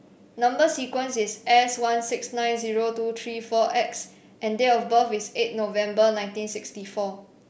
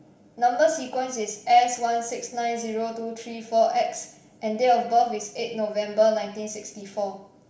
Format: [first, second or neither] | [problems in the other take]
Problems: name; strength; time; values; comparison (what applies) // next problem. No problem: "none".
first | room echo; dies away in 0.6 s